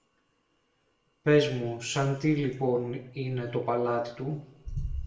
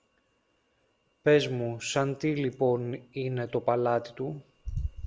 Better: second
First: room echo; dies away in 0.6 s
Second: none

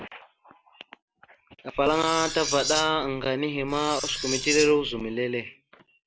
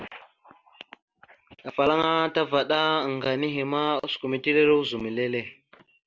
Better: second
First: background sound (Cutlery, silverware); 6 dB below the speech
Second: none

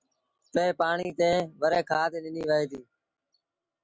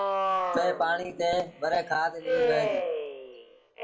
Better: first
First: none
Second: background sound (Alarm); as loud as the speech // room echo; dies away in 0.3 s

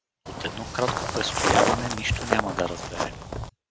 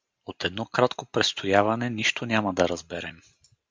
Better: second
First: background sound (Walk, footsteps); 4 dB above the speech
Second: none

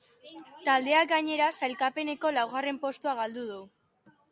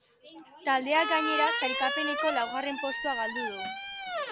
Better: first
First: none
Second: background sound (Squeak); 2 dB below the speech

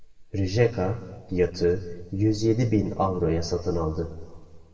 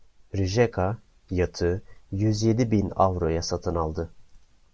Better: second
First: room echo; dies away in 1.6 s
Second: none

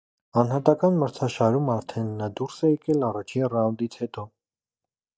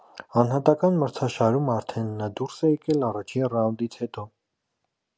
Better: second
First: noise reduction (neural mask model DeepFilterNet 3)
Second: none

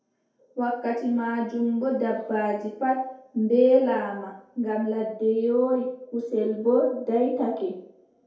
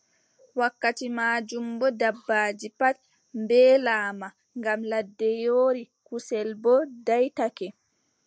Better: second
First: room echo; dies away in 2.3 s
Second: none

